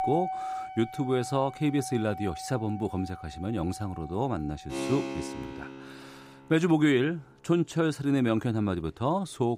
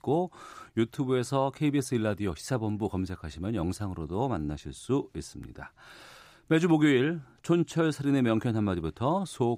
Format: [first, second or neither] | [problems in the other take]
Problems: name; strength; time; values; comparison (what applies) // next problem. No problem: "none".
second | background music; noticeable; throughout; 10 dB below the speech